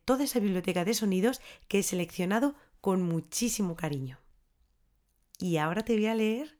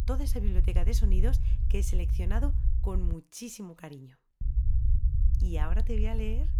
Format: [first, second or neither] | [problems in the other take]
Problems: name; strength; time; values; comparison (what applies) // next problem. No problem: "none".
first | low rumble; loud; until 3 s and from 4.5 s on; 8 dB below the speech